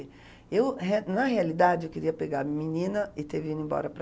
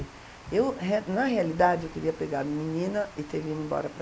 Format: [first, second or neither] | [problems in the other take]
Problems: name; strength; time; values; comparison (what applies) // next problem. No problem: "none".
first | background sound (Water); 18 dB below the speech